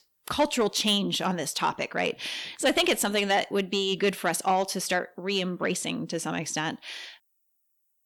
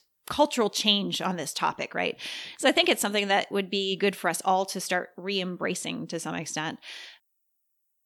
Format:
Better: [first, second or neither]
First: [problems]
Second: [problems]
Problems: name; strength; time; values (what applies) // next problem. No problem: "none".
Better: second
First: distortion; slight; 10 dB below the speech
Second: none